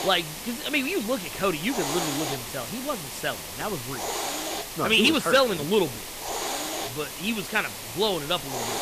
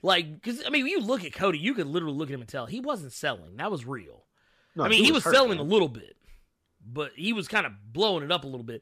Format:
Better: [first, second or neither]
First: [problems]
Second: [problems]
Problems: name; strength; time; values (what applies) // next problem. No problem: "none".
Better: second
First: hiss; loud; throughout; 6 dB below the speech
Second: none